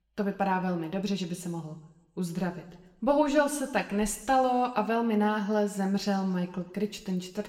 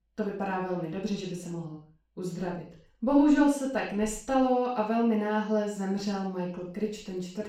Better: first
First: room echo; slight; dies away in 0.8 s // off-mic speech; somewhat distant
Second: room echo; strong; dies away in 0.4 s // off-mic speech; far

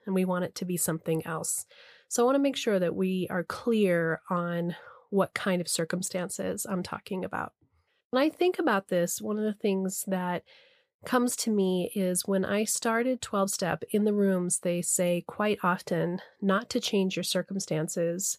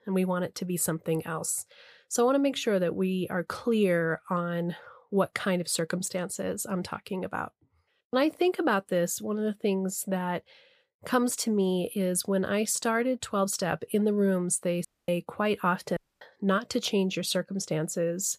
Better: first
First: none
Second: audio cutting out; at 15 s and at 16 s

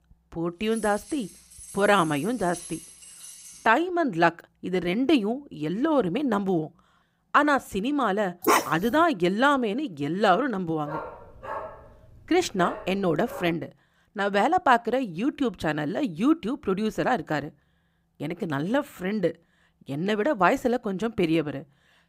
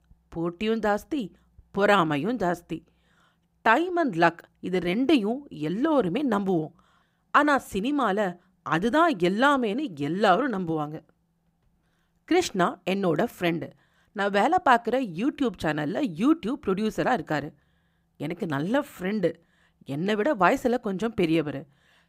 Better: second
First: jangling keys; faint; from 0.5 to 3.5 s; peak 15 dB below the speech // dog barking; loud; at 8.5 s; peak 3 dB above the speech // dog barking; faint; from 11 to 14 s; peak 10 dB below the speech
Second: none

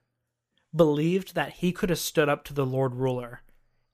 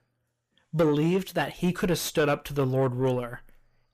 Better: first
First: none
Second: distortion; slight; 10 dB below the speech

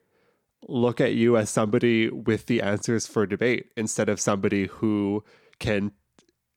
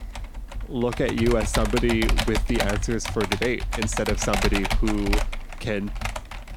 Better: first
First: none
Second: keyboard typing; loud; peak 2 dB above the speech

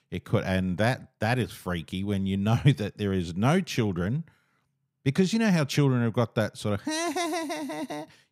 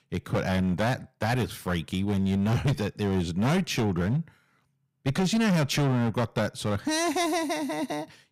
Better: first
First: none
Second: distortion; heavy; 13% of the sound clipped

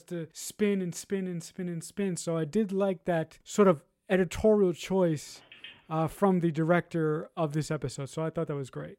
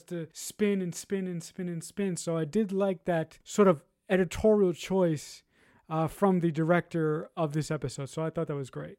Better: second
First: phone ringing; faint; at 5.5 s; peak 20 dB below the speech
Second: none

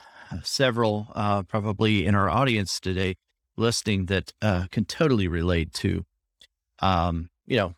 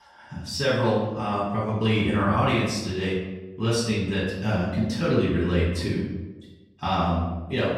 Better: first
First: none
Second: off-mic speech; far // room echo; noticeable; dies away in 0.9 s

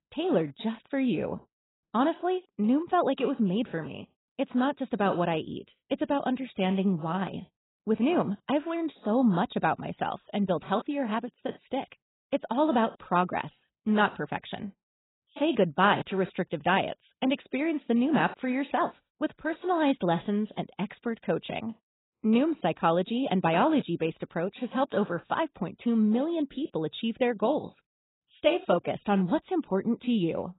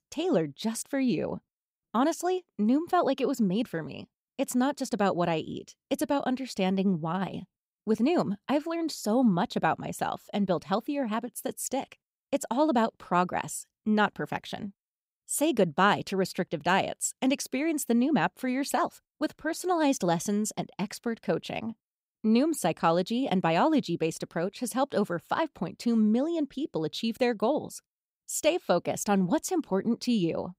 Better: second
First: garbled, watery; badly; nothing above 4 kHz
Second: none

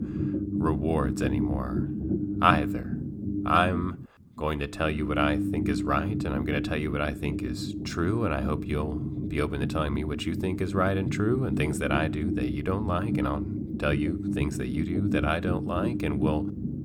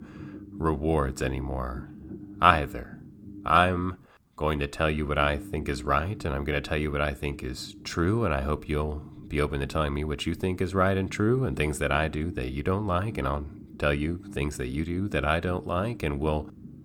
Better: second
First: low rumble; loud; throughout; 7 dB below the speech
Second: low rumble; faint; throughout; 20 dB below the speech

